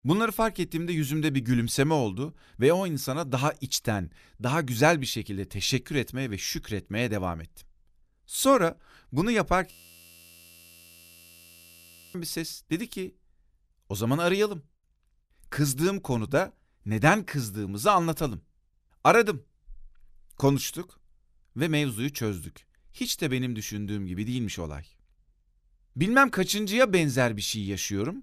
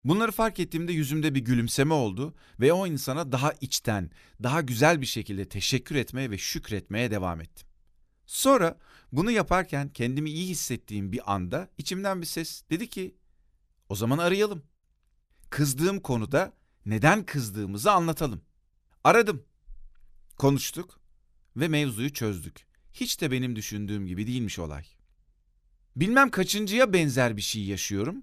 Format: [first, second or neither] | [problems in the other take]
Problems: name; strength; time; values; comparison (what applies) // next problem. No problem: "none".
second | audio freezing; at 9.5 s for 2.5 s